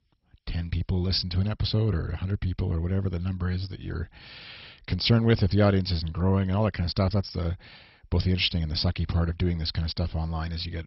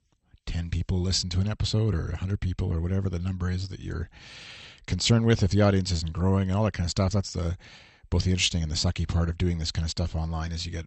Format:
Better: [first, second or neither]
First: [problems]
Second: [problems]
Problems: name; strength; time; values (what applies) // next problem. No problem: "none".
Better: second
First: garbled, watery; badly; nothing above 5.5 kHz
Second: garbled, watery; slightly; nothing above 8 kHz